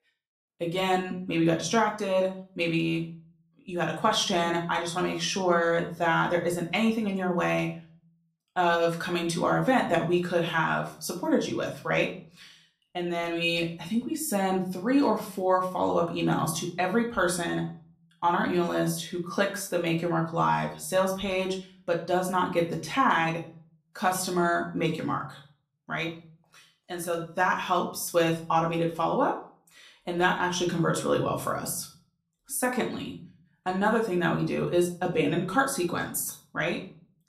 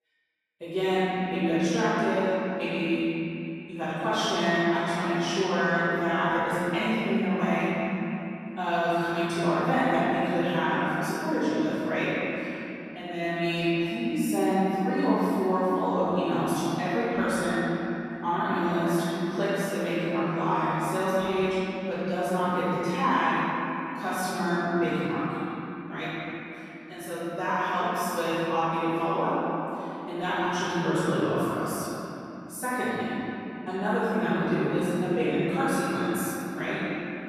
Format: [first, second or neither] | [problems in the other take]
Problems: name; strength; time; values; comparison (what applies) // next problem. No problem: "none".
first | room echo; strong; dies away in 3 s; slight in the first // off-mic speech; far; somewhat distant in the first